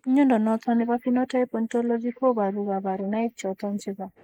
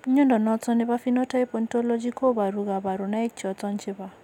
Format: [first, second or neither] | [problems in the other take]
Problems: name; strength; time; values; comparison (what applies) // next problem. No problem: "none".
second | noise reduction (neural mask model Resemble Enhance denoiser)